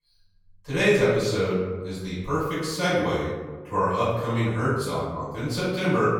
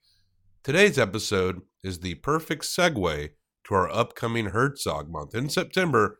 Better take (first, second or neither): second